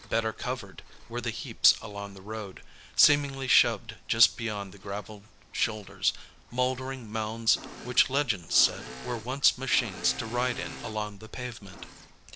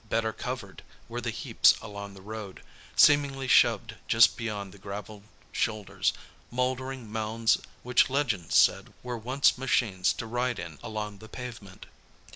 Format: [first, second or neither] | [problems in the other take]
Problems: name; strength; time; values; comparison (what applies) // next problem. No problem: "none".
second | background sound (Engine / Mechanisms); 18 dB below the speech